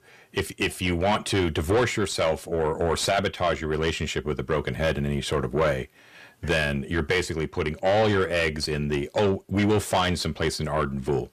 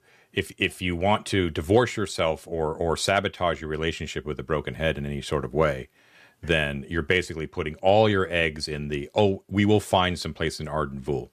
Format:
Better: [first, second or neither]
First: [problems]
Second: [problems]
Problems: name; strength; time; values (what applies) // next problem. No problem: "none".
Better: second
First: distortion; heavy; 7 dB below the speech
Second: none